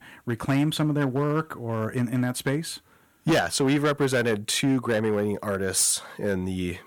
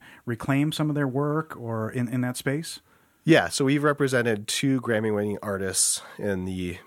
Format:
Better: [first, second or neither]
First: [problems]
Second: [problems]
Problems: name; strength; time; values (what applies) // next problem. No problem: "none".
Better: second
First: distortion; slight; 6% of the sound clipped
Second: none